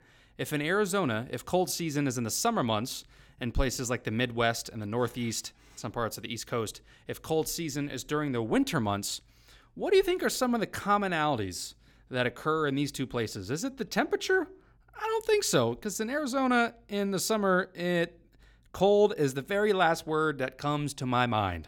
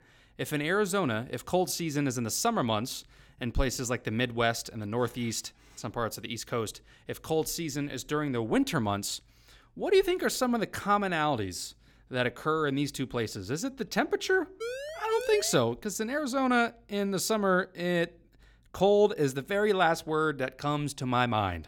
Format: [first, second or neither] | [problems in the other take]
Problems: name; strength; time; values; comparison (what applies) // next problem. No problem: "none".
first | siren; noticeable; from 15 to 16 s; peak 8 dB below the speech